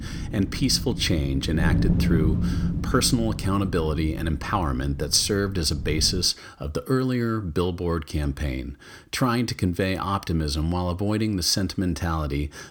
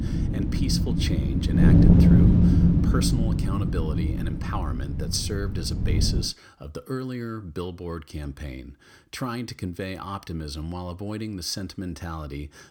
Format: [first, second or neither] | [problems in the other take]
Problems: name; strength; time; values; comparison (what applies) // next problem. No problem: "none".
first | wind noise on the microphone; heavy; until 6 s; 4 dB above the speech; occasional gusts in the first